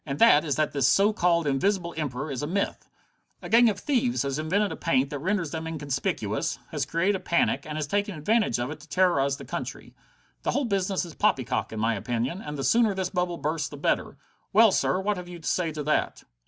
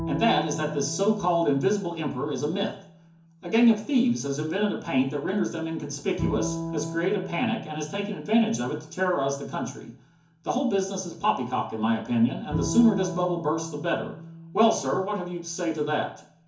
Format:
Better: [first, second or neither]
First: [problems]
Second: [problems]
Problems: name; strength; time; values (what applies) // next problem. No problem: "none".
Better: first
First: none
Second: background sound (Bowed string instrument); 11 dB below the speech // room echo; dies away in 0.7 s